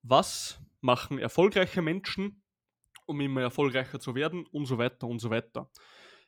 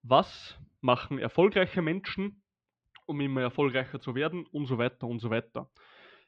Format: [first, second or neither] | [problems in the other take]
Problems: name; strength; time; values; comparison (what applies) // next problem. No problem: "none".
first | muffled; slightly; fading above 3.5 kHz